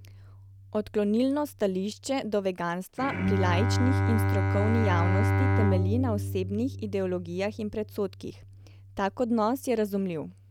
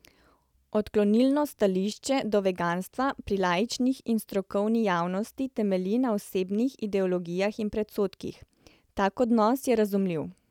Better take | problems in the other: second | background sound (Bowed string instrument); as loud as the speech

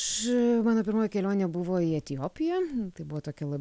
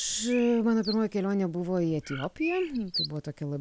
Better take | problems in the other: first | background sound (Bird); 12 dB below the speech

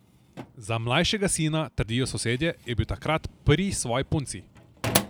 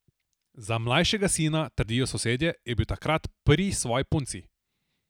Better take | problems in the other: second | background sound (Drawer open or close); 9 dB below the speech

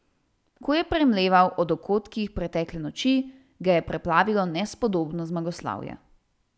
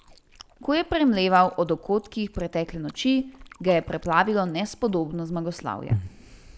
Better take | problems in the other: first | background sound (Chewing, mastication); 14 dB below the speech

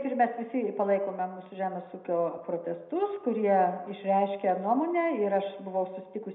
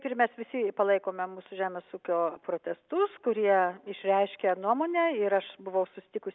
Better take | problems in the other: second | room echo; dies away in 0.7 s

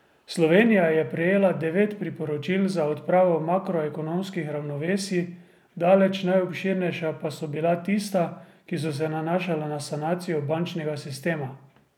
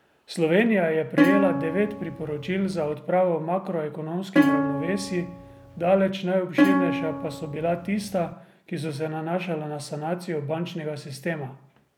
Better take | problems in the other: first | background sound (Plucked string instrument); 1 dB above the speech

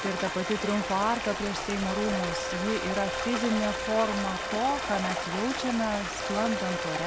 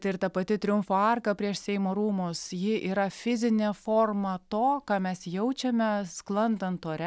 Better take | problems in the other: second | background sound (Stream + Wind instrument, woodwind instrument); 2 dB below the speech

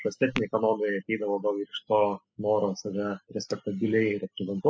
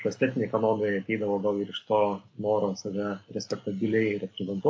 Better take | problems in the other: second | noise reduction (classical method spectral subtraction)

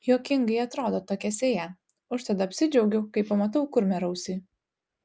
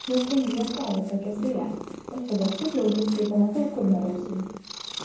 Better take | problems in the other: first | background sound (Purr); 13 dB below the speech // room echo; dies away in 1.2 s

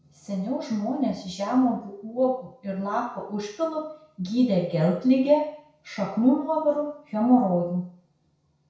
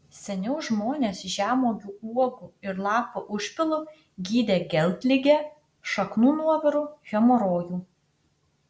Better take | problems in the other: second | room echo; dies away in 0.6 s

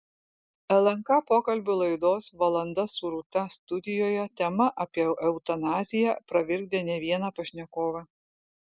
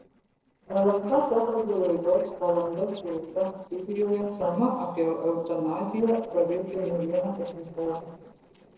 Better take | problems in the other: first | noise reduction (neural separator model SepFormer DNS4)

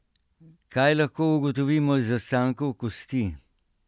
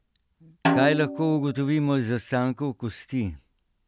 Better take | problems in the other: first | background sound (Snare drum); 4 dB below the speech

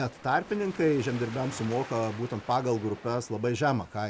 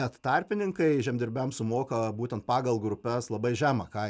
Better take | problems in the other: second | background sound (Waves, surf); 17 dB below the speech

